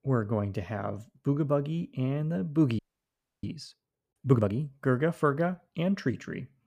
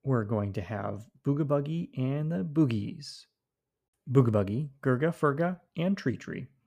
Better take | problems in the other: second | audio freezing; at 3 s for 0.5 s

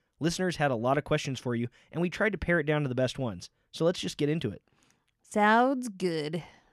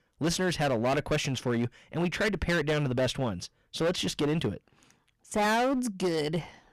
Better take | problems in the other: first | distortion; heavy; 15% of the sound clipped

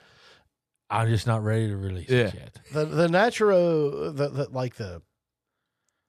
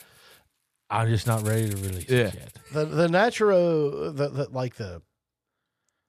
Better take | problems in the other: first | background music; noticeable; until 2.5 s; 15 dB below the speech

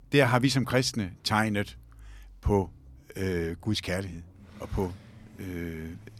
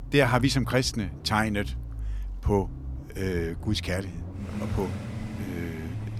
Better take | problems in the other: first | traffic noise; loud; throughout; 9 dB below the speech; faint in the first

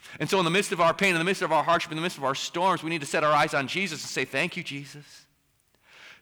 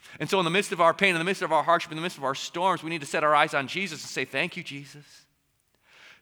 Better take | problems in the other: second | distortion; slight; 10 dB below the speech

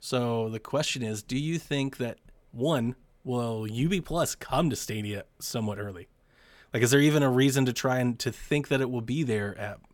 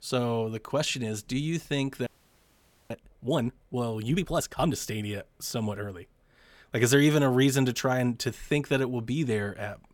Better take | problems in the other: first | audio freezing; at 2 s for 1 s

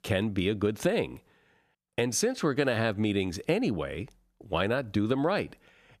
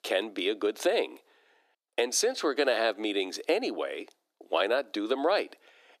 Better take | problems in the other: first | thin; somewhat; fading below 300 Hz

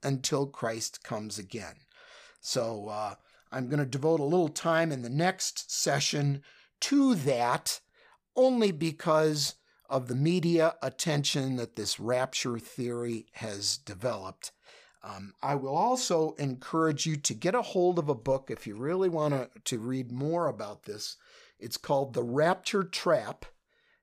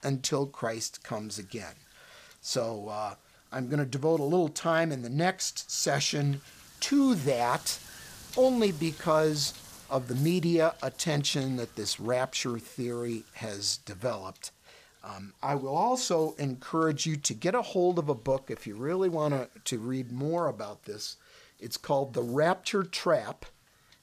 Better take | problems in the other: first | wind noise on the microphone; occasional gusts; 25 dB below the speech

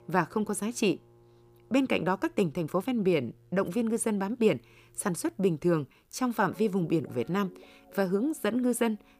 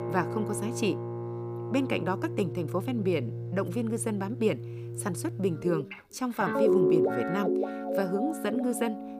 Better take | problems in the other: first | background music; loud; throughout; 1 dB below the speech; faint in the first

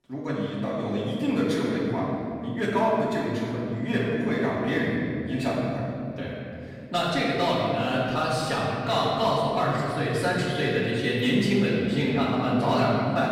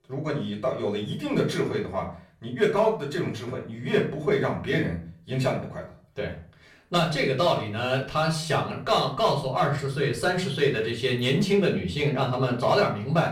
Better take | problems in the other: second | room echo; strong; dies away in 2.7 s; slight in the second // off-mic speech; far; far in the second

